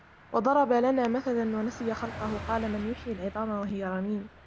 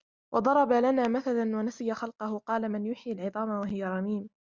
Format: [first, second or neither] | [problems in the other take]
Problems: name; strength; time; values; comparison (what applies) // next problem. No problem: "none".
second | background sound (Car passing by); 15 dB below the speech